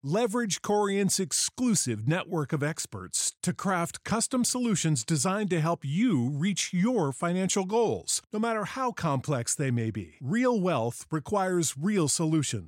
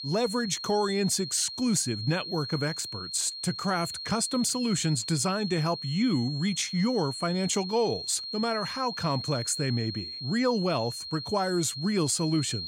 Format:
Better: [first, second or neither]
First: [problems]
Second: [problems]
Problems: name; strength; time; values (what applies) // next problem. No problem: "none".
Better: first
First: none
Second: high-pitched whine; loud; throughout; 4 kHz, 7 dB below the speech